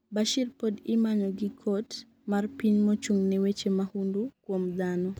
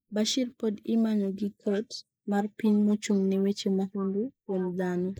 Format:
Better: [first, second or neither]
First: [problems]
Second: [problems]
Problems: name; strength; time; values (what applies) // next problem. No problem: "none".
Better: first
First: none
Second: noise reduction (neural mask model Resemble Enhance denoiser)